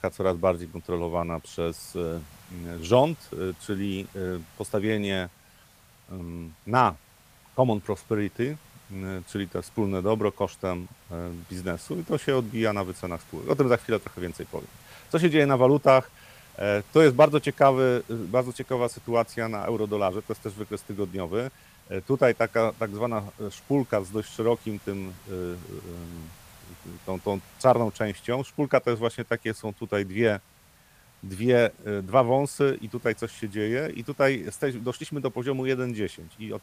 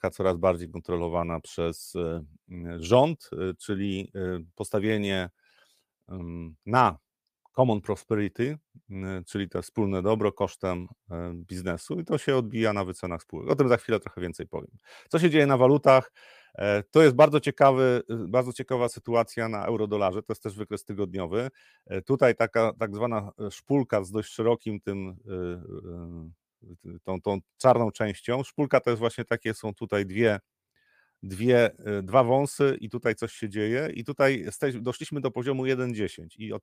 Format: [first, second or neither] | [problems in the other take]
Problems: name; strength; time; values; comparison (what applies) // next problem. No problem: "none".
second | hiss; faint; throughout; 25 dB below the speech